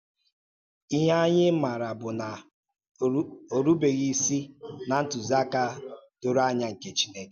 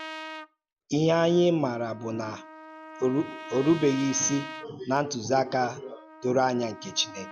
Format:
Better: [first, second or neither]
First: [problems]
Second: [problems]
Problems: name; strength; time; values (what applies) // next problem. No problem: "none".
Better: first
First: none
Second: background sound (Trumpet); 16 dB below the speech